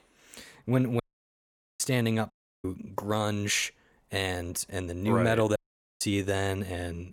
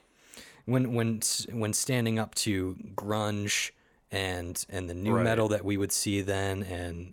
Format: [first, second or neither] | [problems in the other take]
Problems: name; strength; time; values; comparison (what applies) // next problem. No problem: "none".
second | audio cutting out; at 1 s for 1 s, at 2.5 s and at 5.5 s